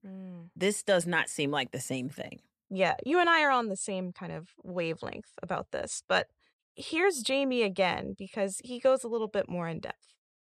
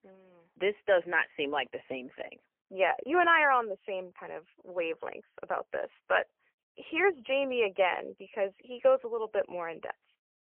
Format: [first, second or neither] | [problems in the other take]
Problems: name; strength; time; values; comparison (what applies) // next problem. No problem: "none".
first | phone-call audio; poor line; nothing above 3 kHz